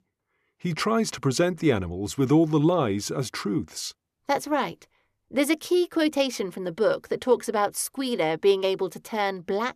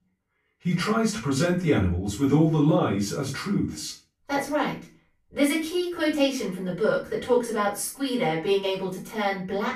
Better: first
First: none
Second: off-mic speech; far // room echo; slight; dies away in 0.3 s

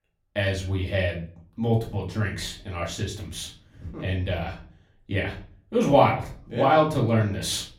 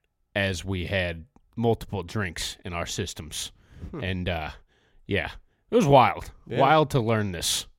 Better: second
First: off-mic speech; far // room echo; slight; dies away in 0.4 s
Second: none

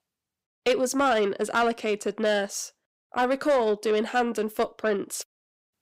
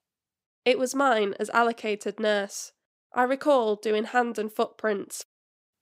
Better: second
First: distortion; slight; 10 dB below the speech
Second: none

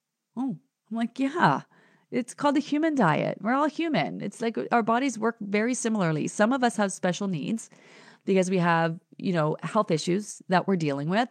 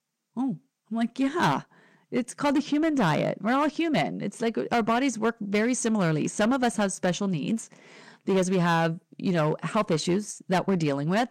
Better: first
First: none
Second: distortion; slight; 7% of the sound clipped

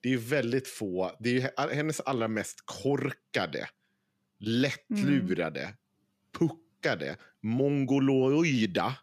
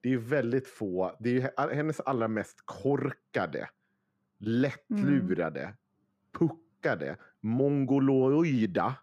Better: first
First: none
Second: muffled; slightly; fading above 1.5 kHz

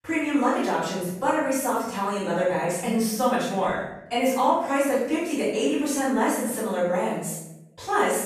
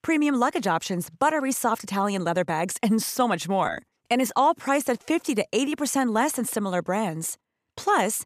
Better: second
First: off-mic speech; far // room echo; strong; dies away in 0.7 s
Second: none

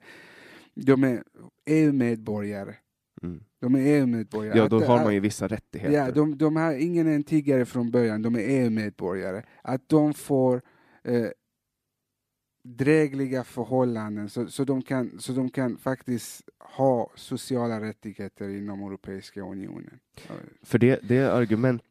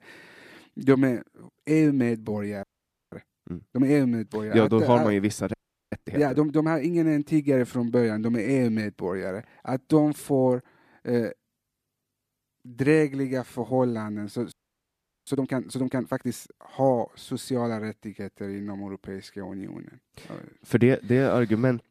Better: first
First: none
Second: audio freezing; at 2.5 s, at 5.5 s and at 15 s for 1 s

